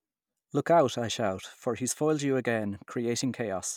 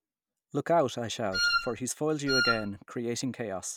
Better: first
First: none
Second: background sound (Wind instrument, woodwind instrument); 2 dB above the speech

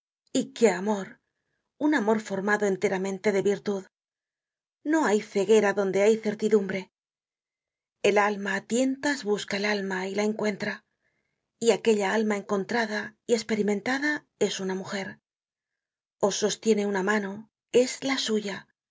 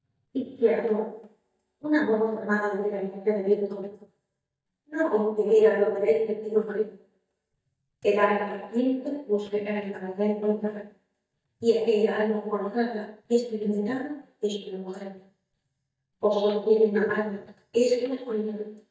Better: first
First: none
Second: noise reduction (neural mask model DeepFilterNet 3)

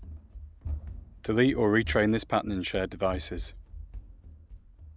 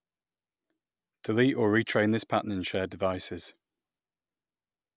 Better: second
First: background sound (Run); 11 dB below the speech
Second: none

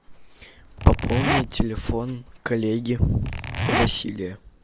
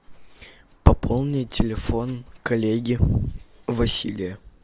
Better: second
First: background sound (Zipper (clothing)); 2 dB below the speech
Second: none

